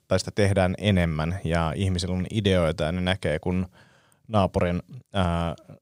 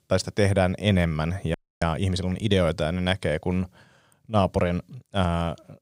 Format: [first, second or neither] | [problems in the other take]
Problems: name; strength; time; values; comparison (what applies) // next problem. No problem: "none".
first | audio freezing; at 1.5 s